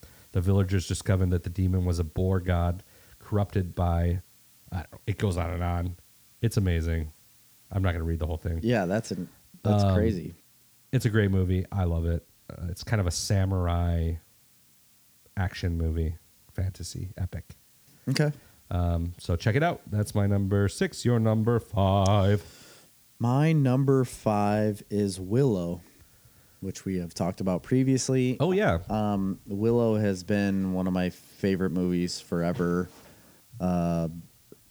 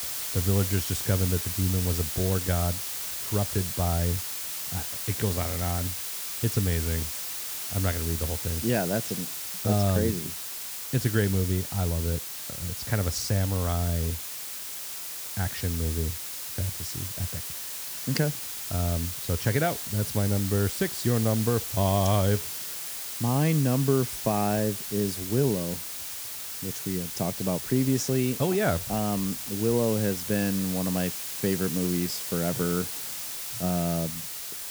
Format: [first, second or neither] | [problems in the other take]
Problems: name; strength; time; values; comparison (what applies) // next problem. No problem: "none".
first | hiss; loud; throughout; 4 dB below the speech; faint in the first